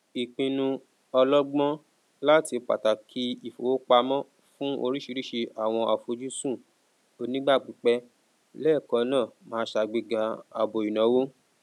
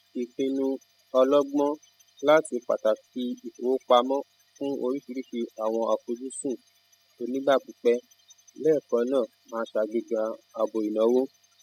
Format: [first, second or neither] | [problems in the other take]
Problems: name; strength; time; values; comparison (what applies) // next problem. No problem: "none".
first | noise reduction (classical method spectral subtraction)